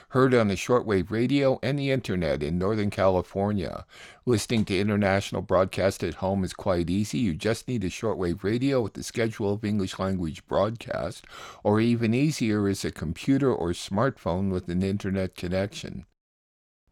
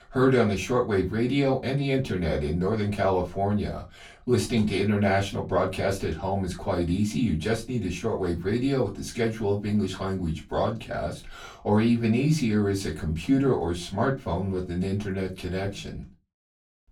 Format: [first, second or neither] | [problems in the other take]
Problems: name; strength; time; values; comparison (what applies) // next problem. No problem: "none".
first | off-mic speech; far // room echo; very slight; dies away in 0.2 s